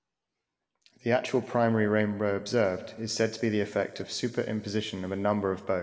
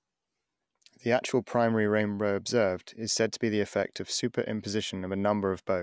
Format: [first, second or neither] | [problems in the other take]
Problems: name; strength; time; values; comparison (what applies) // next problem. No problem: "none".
second | room echo; dies away in 1.5 s